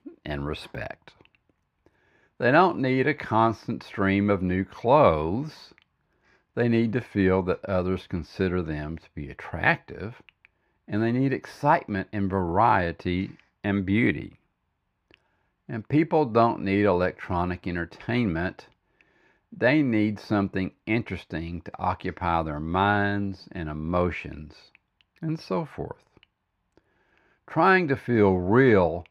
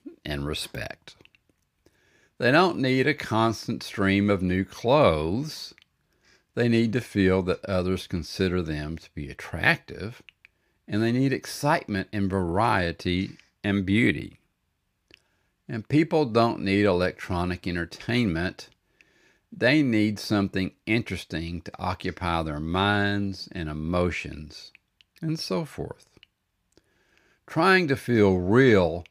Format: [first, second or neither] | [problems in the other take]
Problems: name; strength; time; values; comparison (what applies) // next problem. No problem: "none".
second | muffled; slightly; fading above 4 kHz